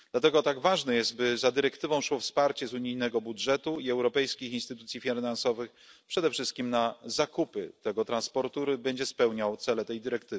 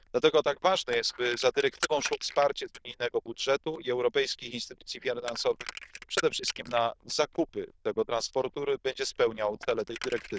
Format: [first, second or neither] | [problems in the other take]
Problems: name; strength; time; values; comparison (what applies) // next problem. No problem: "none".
first | noise reduction (neural diffusion model UNIVERSE++)